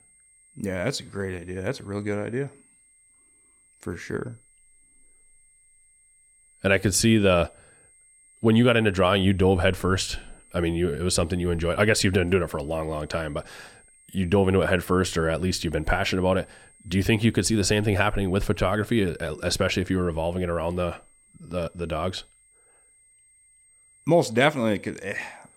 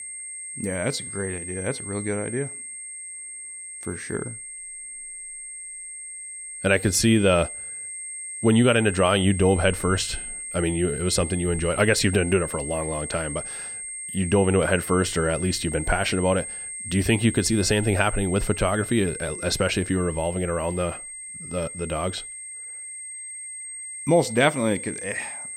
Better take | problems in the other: first | high-pitched whine; loud; throughout; 8.5 kHz, 9 dB below the speech; faint in the first

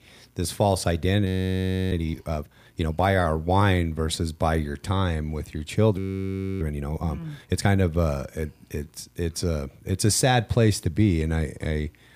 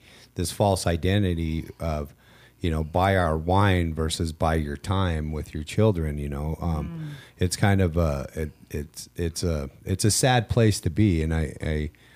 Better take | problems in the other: second | audio freezing; at 1.5 s for 0.5 s and at 6 s for 0.5 s

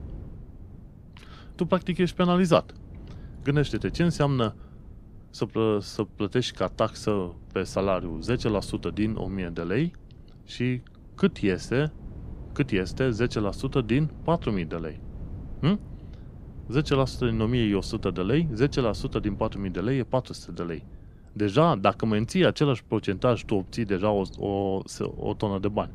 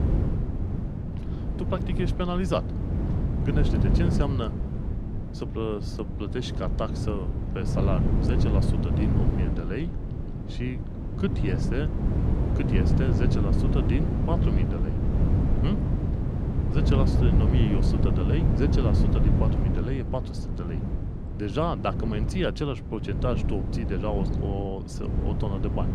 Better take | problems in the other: first | wind noise on the microphone; heavy; 2 dB below the speech; occasional gusts in the first

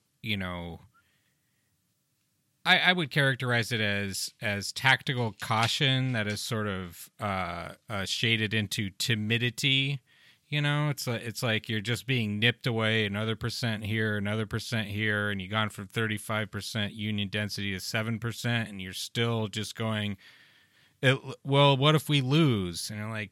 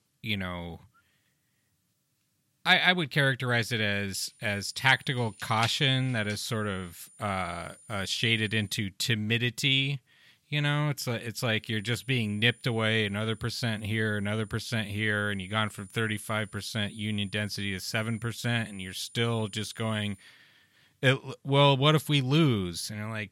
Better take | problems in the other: first | high-pitched whine; faint; from 4.5 to 9 s and from 12 to 20 s; 9.5 kHz, 25 dB below the speech

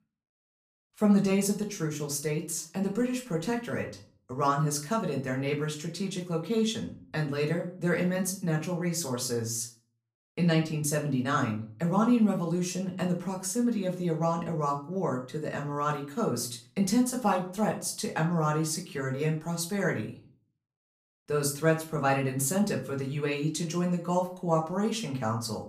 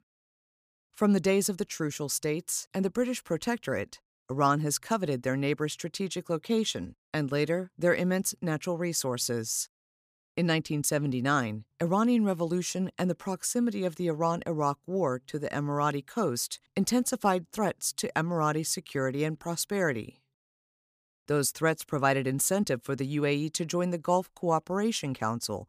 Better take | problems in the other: second | off-mic speech; far // room echo; very slight; dies away in 0.4 s

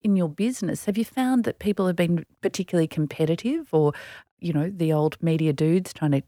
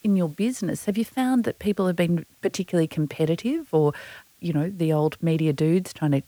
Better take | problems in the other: first | hiss; faint; throughout; 30 dB below the speech

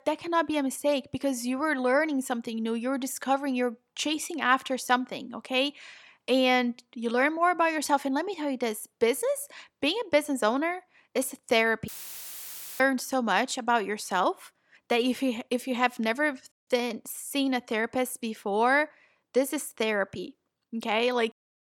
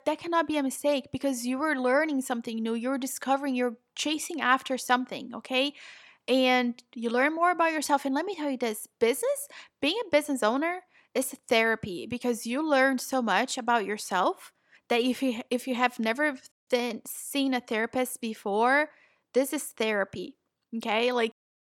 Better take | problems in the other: second | audio cutting out; filled with static; at 12 s for 1 s

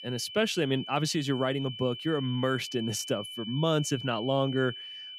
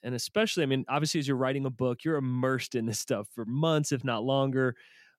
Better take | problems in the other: second | high-pitched whine; loud; throughout; 3 kHz, 10 dB below the speech

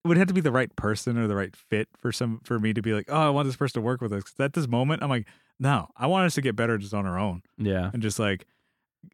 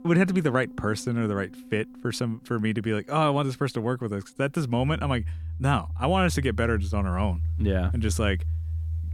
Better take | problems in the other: first | background music; loud; throughout; 5 dB below the speech

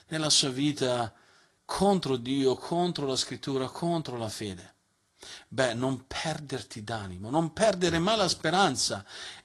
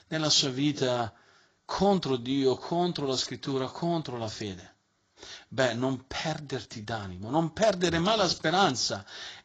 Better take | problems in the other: first | garbled, watery; badly; nothing above 7.5 kHz; slightly in the first

